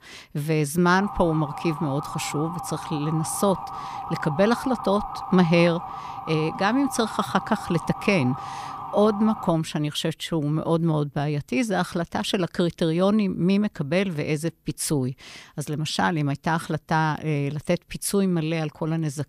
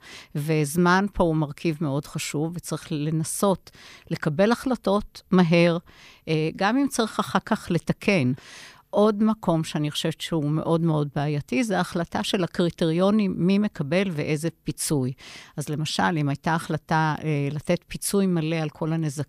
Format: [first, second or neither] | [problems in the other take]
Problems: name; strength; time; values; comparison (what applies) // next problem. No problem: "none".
second | siren; noticeable; from 1 to 9.5 s; peak 8 dB below the speech